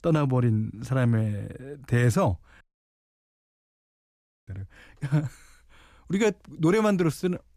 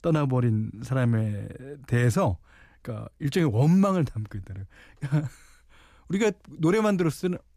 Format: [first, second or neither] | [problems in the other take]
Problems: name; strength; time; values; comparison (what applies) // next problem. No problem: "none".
second | audio cutting out; at 2.5 s for 2 s